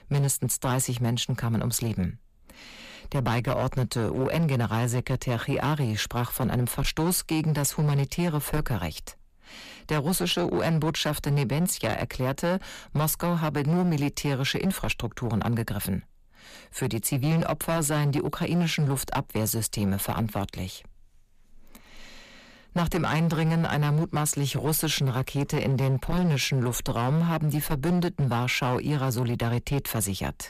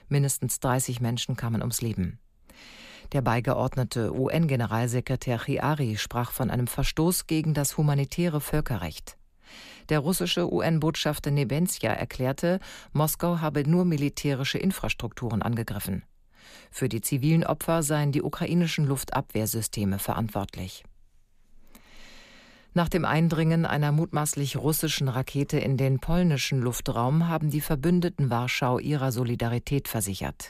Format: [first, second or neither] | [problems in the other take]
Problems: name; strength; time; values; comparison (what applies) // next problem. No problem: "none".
second | distortion; slight; 13% of the sound clipped